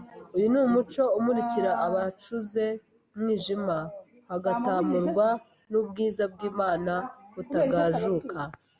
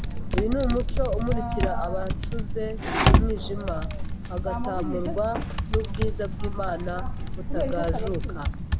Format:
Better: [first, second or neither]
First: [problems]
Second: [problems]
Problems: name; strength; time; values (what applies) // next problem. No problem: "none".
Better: first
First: none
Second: background sound (Typing); 5 dB above the speech